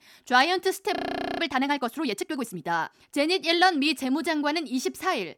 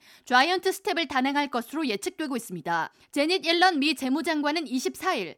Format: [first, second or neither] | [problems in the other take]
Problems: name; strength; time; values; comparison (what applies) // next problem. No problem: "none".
second | audio freezing; at 1 s